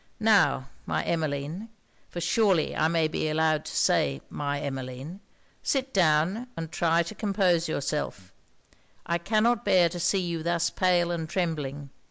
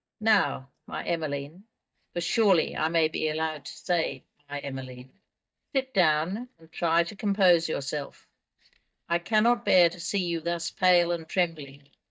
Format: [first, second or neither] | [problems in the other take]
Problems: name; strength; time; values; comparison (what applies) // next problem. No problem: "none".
first | noise reduction (neural mask model DeepFilterNet 3)